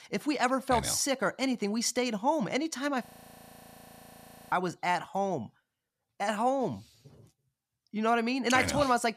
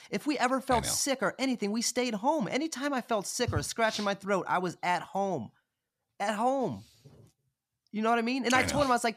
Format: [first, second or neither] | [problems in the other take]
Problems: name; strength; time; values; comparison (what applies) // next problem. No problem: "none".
second | audio freezing; at 3 s for 1.5 s